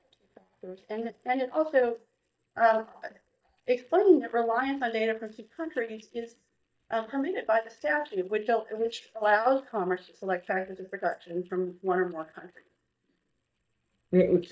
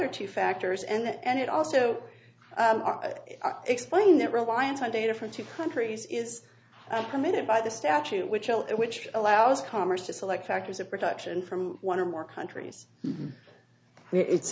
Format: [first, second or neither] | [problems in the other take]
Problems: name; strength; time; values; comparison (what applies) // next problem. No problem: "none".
second | noise reduction (neural mask model DeepFilterNet 3)